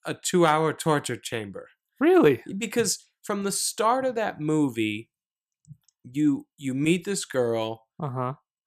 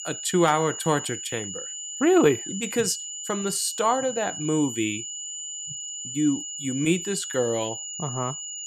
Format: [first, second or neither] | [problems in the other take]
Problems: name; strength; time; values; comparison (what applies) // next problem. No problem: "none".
first | high-pitched whine; loud; throughout; 7 kHz, 7 dB below the speech